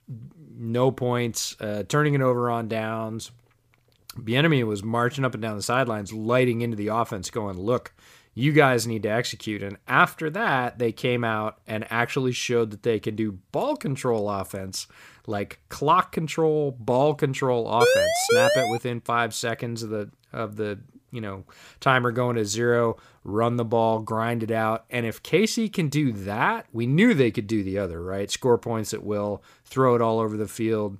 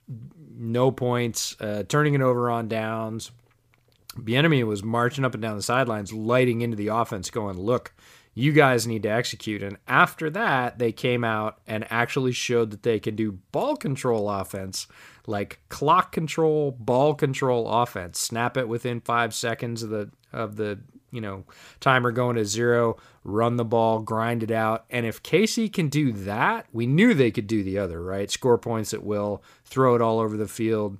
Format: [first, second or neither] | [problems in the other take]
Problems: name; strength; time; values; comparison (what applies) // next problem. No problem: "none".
second | siren; loud; at 18 s; peak 5 dB above the speech